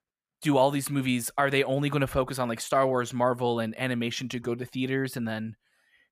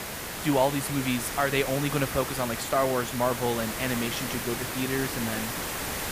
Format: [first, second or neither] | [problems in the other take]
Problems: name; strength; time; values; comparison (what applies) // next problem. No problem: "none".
first | hiss; loud; throughout; 4 dB below the speech